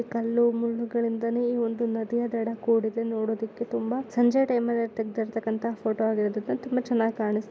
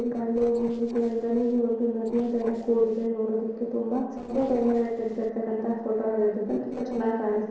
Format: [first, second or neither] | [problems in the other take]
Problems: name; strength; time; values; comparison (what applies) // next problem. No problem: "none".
first | noise reduction (neural separator model SepFormer DNS4)